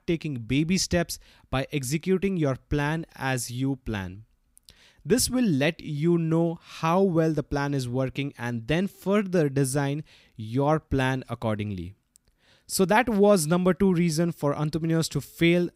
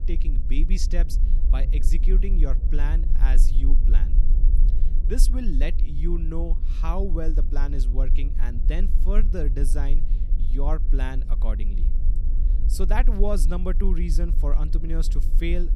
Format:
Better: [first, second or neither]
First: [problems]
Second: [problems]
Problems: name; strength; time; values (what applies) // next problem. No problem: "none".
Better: first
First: none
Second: low rumble; noticeable; throughout; 10 dB below the speech